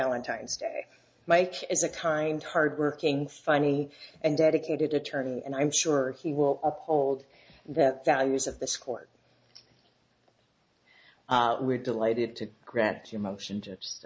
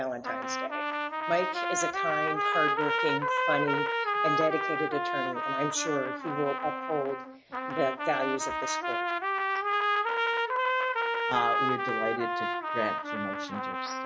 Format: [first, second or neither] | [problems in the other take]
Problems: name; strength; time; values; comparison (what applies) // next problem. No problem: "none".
first | background sound (Trumpet); 4 dB above the speech